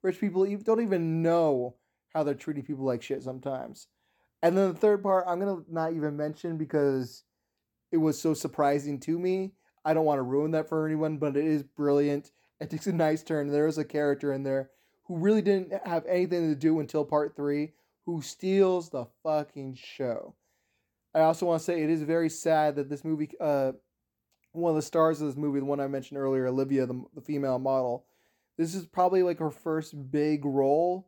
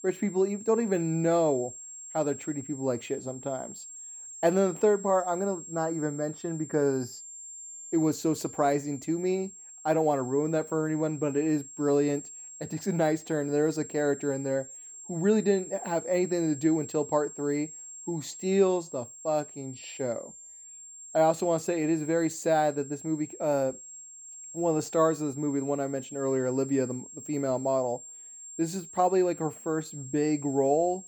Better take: first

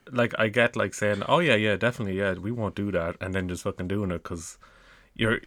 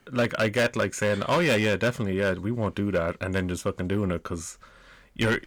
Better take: first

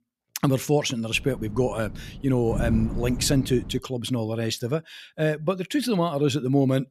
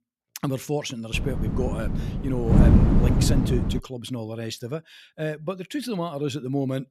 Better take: first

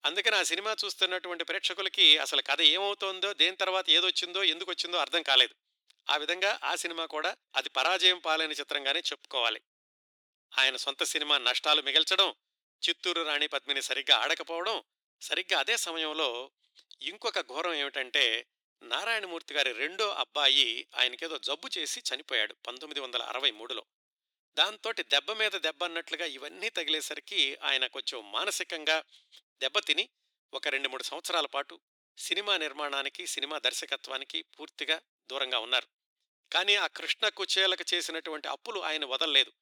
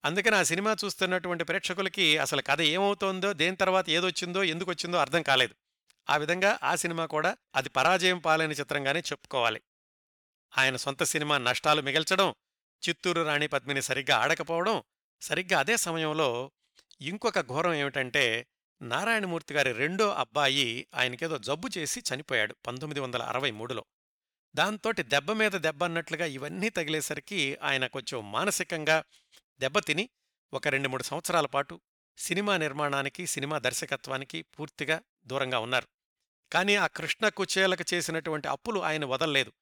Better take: second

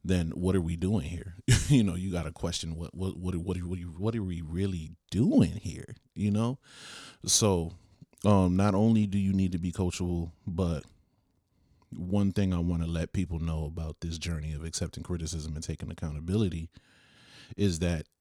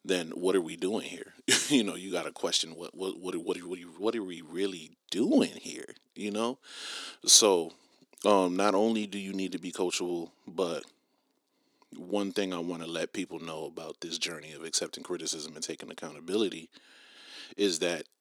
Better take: first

